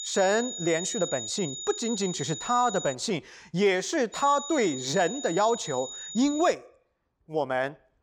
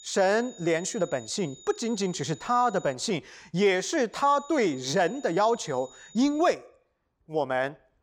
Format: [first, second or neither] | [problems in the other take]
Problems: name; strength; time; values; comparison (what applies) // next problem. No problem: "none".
second | high-pitched whine; loud; until 3 s and from 4 to 6.5 s; 7 kHz, 8 dB below the speech; faint in the second